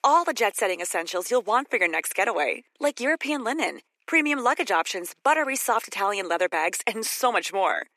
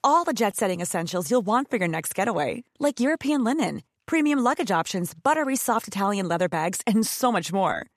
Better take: second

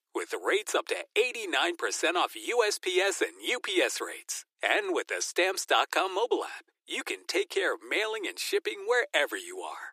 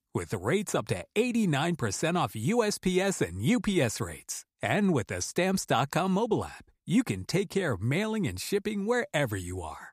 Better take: second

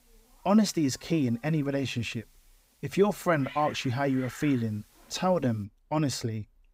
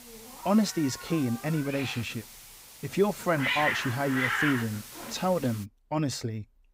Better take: first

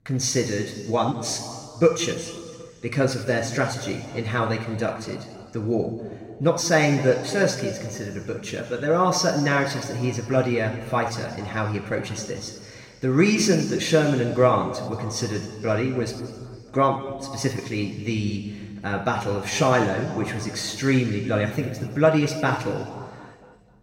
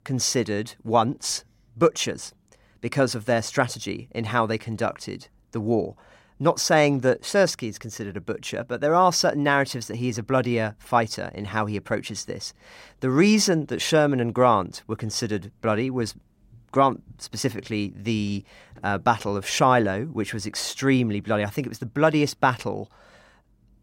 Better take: second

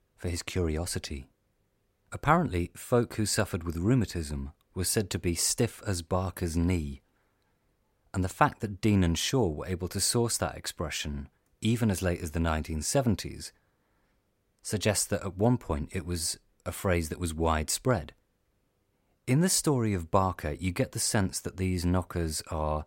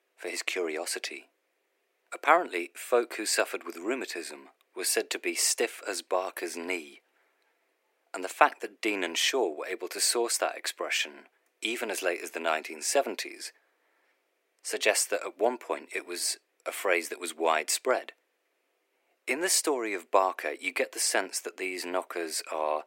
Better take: first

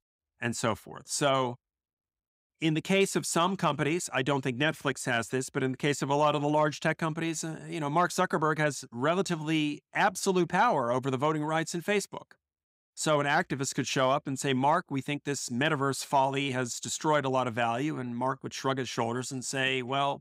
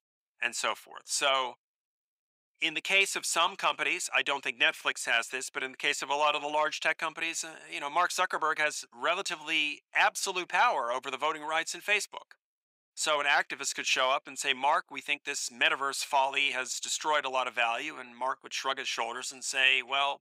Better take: first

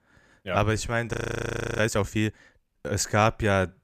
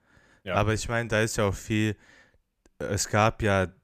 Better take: second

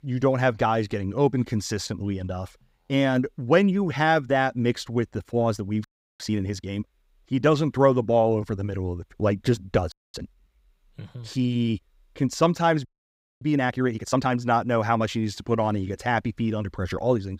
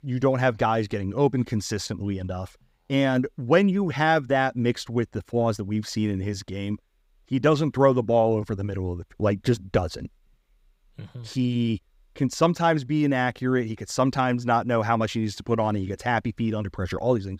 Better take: second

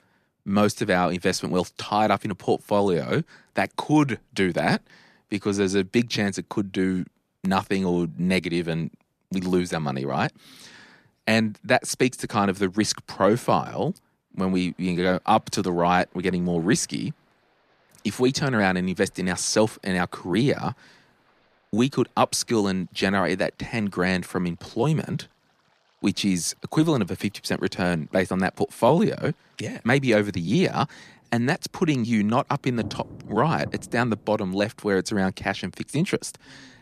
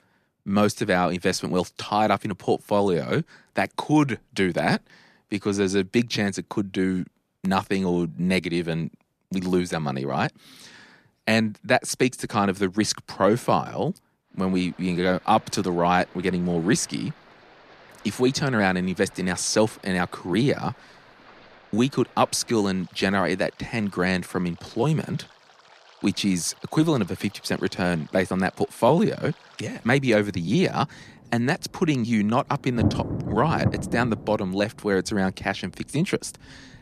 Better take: first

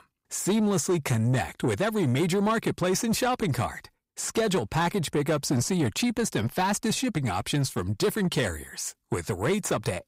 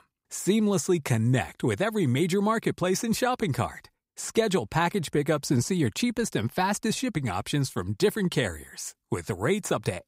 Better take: second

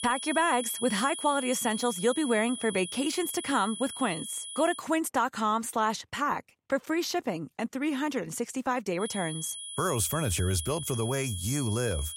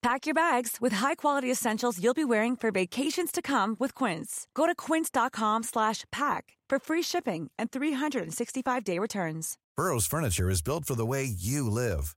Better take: second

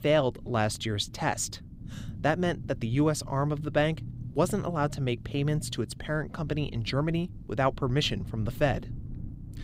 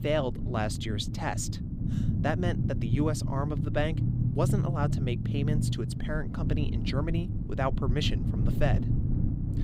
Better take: first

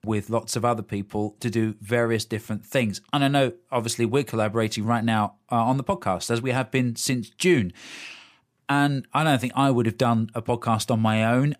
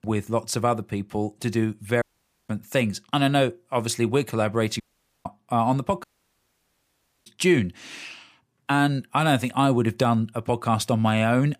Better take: first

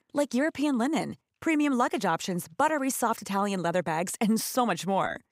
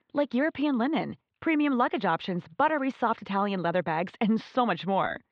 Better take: first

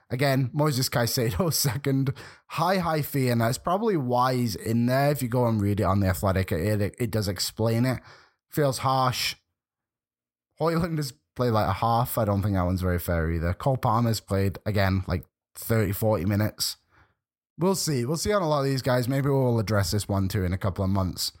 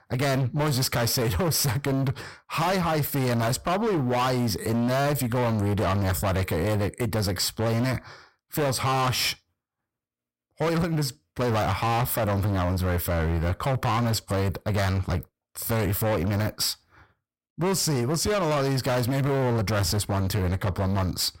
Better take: first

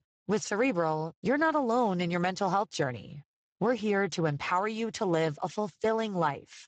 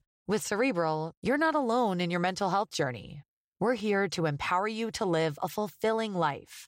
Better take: second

